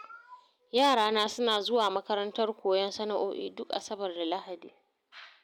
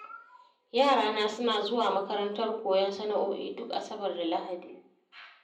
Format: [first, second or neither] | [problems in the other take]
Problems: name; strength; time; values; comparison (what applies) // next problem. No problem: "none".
first | room echo; dies away in 0.6 s